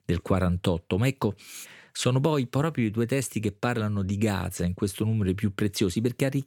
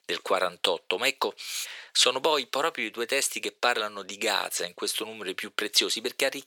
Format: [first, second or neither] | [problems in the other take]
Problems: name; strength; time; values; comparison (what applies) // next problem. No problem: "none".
first | thin; very; fading below 500 Hz